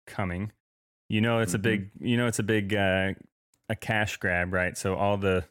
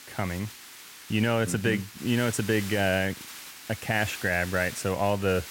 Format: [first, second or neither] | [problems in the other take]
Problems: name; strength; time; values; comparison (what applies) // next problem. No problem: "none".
first | hiss; noticeable; throughout; 15 dB below the speech